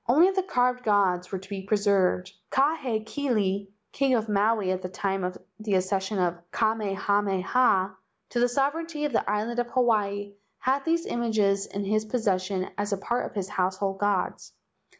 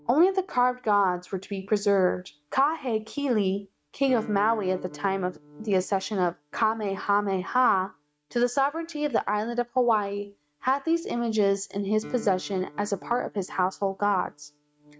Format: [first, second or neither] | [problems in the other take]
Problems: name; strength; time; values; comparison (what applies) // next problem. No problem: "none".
first | noise reduction (neural mask model RNNoise)